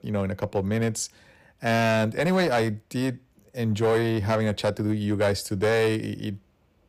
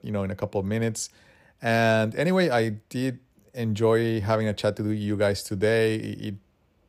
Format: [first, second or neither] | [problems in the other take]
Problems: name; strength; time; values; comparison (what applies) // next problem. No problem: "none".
second | distortion; slight; 7% of the sound clipped